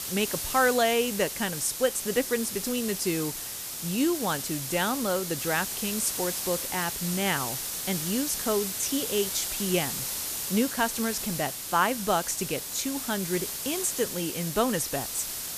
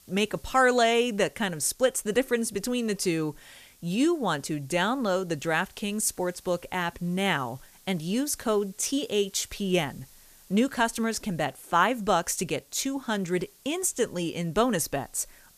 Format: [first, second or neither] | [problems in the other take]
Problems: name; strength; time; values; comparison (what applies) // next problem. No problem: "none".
second | hiss; loud; throughout; 3 dB below the speech; faint in the second